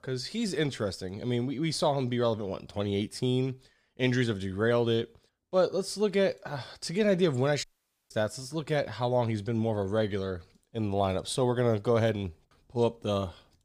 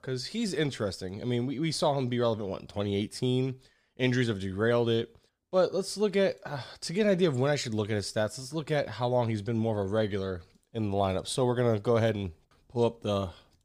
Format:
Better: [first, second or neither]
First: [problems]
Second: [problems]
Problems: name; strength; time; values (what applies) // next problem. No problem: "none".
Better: second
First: audio cutting out; at 7.5 s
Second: none